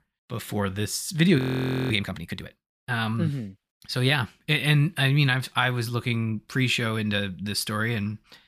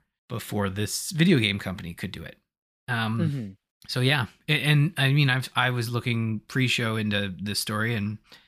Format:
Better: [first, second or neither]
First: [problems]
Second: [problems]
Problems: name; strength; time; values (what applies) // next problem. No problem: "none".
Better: second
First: audio freezing; at 1.5 s for 0.5 s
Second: none